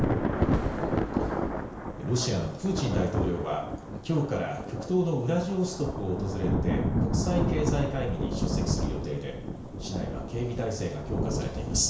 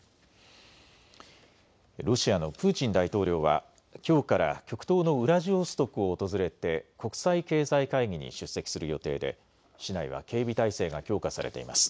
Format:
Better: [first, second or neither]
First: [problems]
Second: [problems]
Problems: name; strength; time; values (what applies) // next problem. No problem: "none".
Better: second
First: background sound (Thunder / Rain); 1 dB above the speech // room echo; dies away in 0.5 s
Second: none